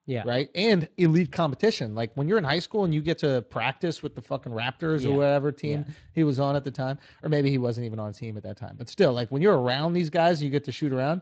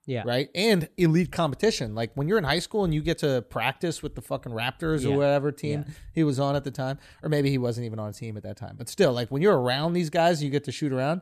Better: second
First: garbled, watery; slightly; nothing above 7.5 kHz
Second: none

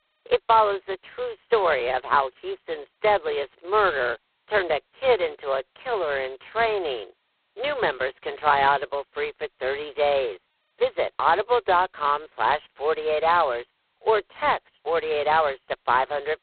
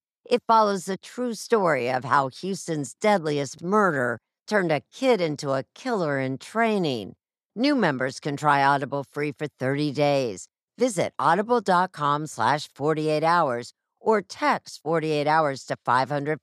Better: second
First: phone-call audio; poor line; nothing above 4 kHz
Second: none

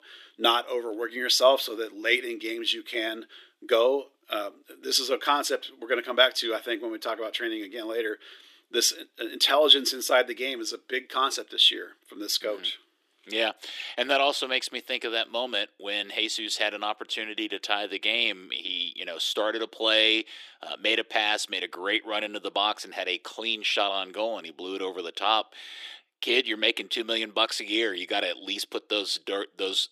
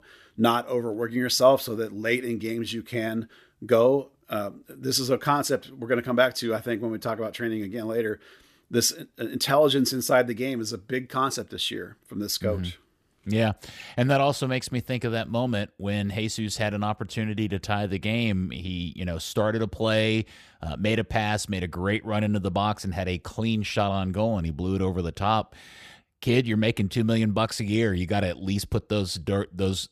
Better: second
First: thin; very; fading below 300 Hz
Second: none

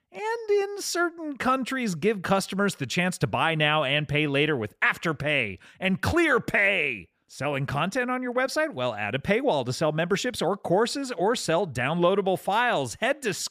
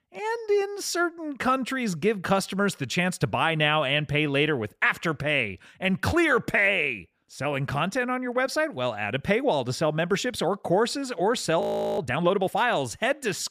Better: first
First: none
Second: audio freezing; at 12 s

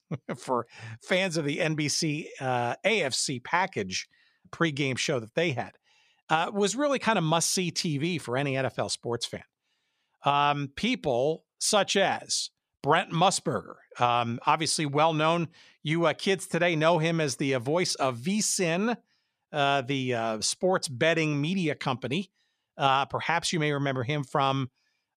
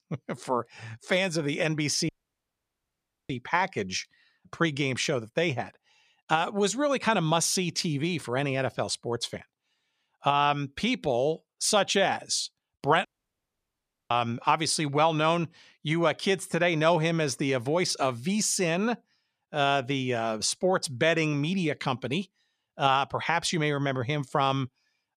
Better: first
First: none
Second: audio cutting out; at 2 s for 1 s and at 13 s for 1 s

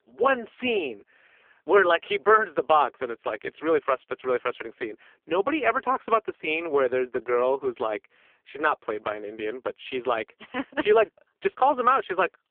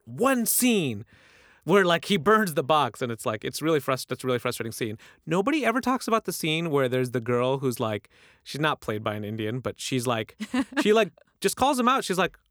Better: second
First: phone-call audio; poor line; nothing above 3.5 kHz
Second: none

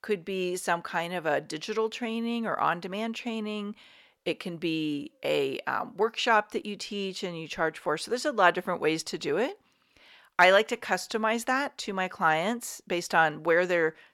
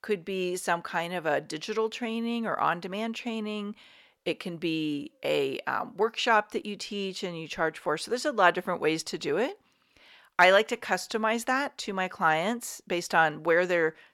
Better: neither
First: none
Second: none

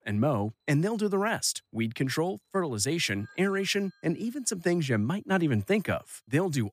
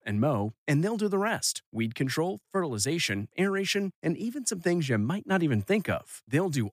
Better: second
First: alarms or sirens; faint; throughout; 30 dB below the speech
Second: none

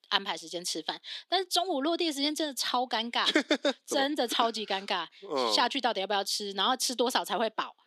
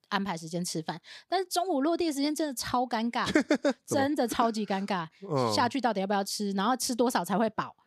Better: second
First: thin; very slightly; fading below 300 Hz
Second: none

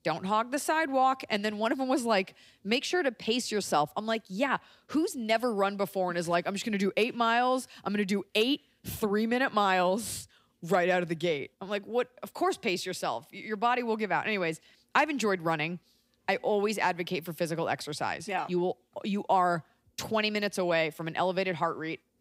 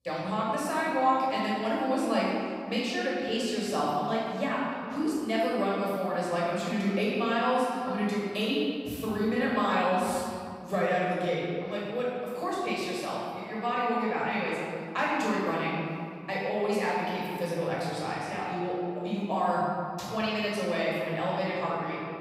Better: first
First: none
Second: off-mic speech; far // room echo; strong; dies away in 2.1 s

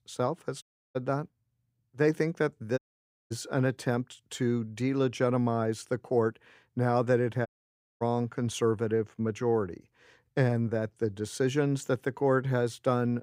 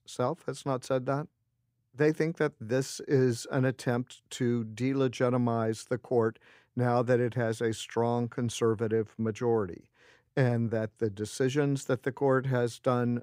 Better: second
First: audio cutting out; at 0.5 s, at 3 s for 0.5 s and at 7.5 s for 0.5 s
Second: none

